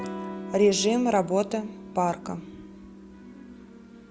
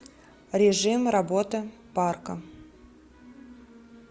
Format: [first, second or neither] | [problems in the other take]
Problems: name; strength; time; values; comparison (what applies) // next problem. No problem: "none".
second | background sound (Electric guitar / Strum); 12 dB below the speech